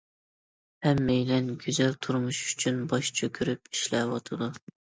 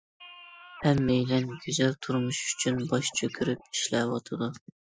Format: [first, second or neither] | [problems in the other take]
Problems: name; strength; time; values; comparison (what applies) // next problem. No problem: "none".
first | noise reduction (classical method Wiener filter)